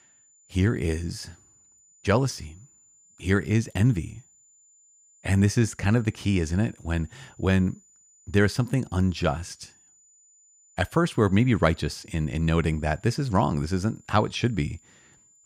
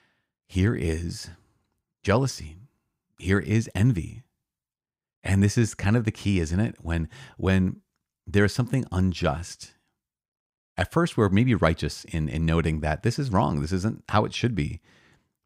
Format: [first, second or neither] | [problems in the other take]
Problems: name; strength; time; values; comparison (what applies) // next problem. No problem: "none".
second | high-pitched whine; faint; throughout; 7 kHz, 30 dB below the speech